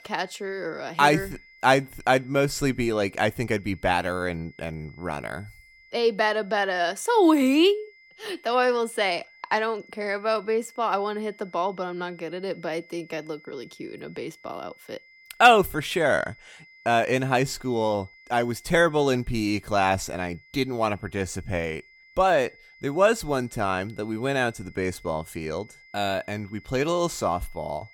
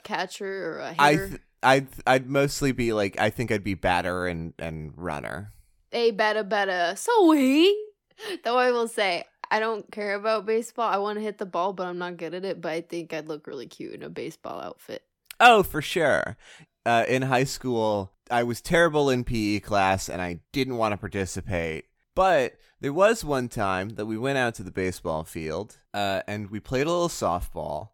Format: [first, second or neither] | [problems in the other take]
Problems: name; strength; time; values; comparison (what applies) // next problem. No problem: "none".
second | high-pitched whine; faint; throughout; 2 kHz, 25 dB below the speech